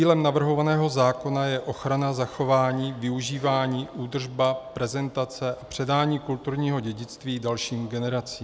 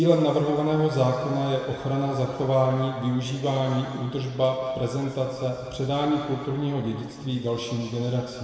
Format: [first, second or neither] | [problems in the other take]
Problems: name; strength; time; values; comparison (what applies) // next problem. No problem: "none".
first | room echo; dies away in 2.2 s